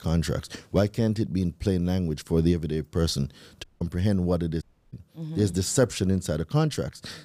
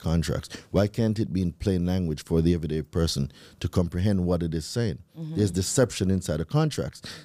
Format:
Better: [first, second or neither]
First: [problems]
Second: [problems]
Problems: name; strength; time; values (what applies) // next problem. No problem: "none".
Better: second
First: audio cutting out; at 3.5 s and at 4.5 s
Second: none